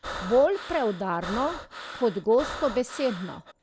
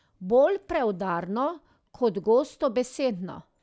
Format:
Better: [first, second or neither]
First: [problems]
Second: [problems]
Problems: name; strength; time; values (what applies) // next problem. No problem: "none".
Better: second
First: background sound (Breathing); 11 dB below the speech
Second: none